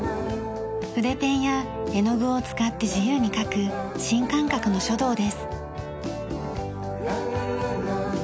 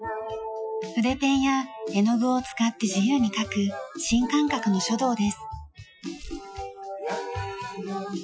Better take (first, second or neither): first